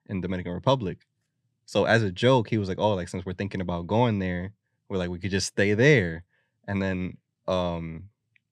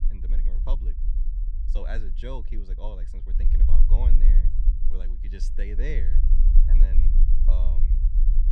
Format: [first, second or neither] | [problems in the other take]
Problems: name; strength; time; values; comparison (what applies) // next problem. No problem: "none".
first | low rumble; loud; throughout; 5 dB below the speech